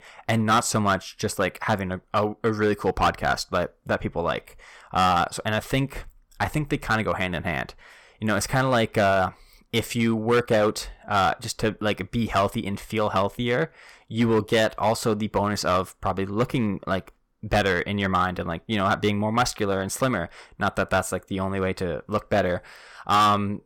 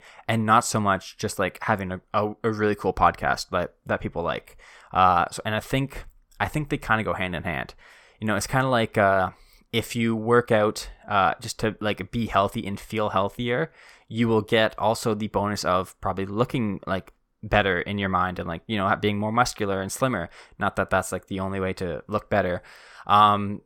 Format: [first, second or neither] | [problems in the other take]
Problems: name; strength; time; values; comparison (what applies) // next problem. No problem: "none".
second | distortion; slight; 4% of the sound clipped